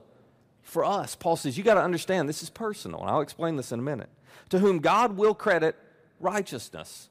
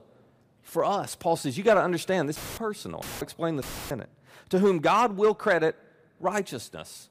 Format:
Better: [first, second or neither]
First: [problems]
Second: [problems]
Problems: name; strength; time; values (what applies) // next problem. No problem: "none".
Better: first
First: none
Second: audio cutting out; filled with static; at 2.5 s, at 3 s and at 3.5 s